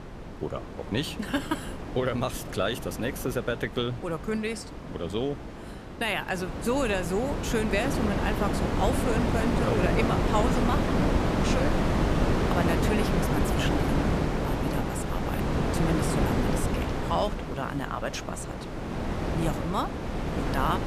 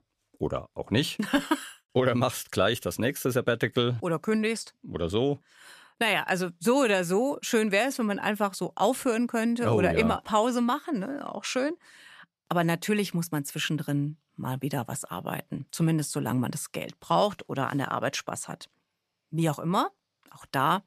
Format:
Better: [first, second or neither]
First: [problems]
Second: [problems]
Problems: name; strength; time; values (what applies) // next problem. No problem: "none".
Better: second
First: wind noise on the microphone; heavy; as loud as the speech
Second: none